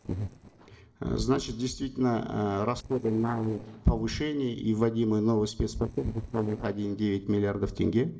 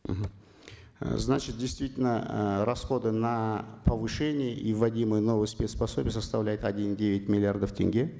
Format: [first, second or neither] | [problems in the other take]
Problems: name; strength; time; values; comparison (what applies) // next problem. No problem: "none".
second | noise reduction (neural separator model SepFormer DNS4)